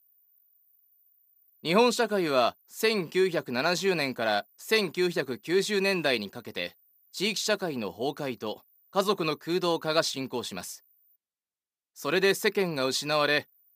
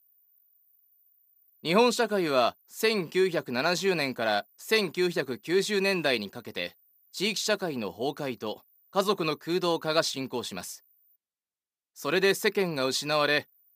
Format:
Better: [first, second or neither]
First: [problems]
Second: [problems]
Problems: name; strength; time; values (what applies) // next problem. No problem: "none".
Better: neither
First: none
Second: none